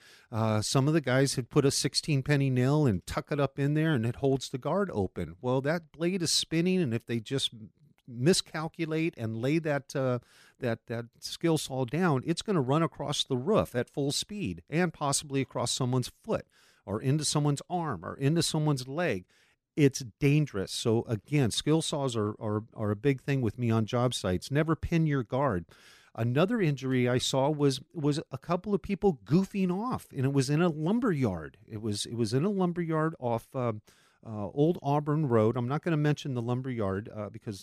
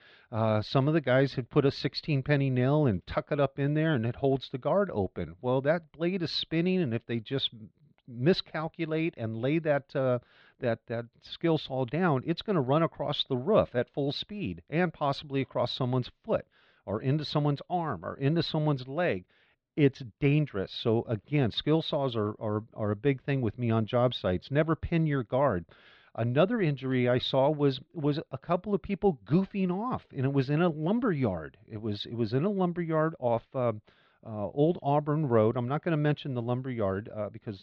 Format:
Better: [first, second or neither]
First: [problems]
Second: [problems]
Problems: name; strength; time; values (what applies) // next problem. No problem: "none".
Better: first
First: none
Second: muffled; slightly; fading above 4 kHz